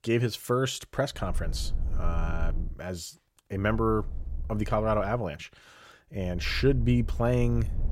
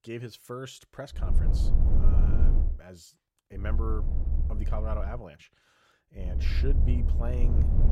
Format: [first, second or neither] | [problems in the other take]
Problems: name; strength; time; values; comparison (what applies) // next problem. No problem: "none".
first | low rumble; loud; from 1 to 2.5 s, from 3.5 to 5 s and from 6.5 s on; 3 dB below the speech; faint in the first